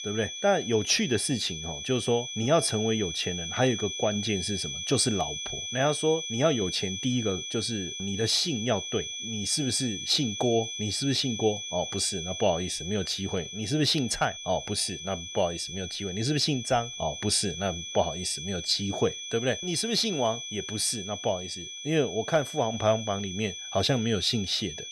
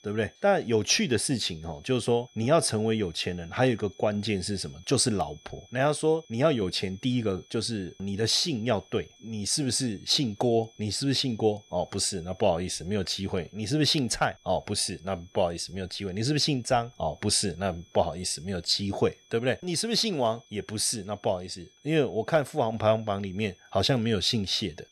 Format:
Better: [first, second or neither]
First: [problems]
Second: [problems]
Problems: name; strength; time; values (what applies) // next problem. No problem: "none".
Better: second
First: high-pitched whine; loud; throughout; 3.5 kHz, 6 dB below the speech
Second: high-pitched whine; faint; throughout; 3.5 kHz, 30 dB below the speech